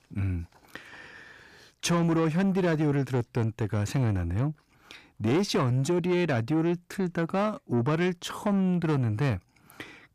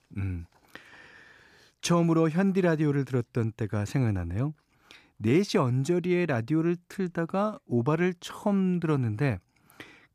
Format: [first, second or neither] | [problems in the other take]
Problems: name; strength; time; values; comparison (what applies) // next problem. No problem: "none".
second | distortion; slight; 10 dB below the speech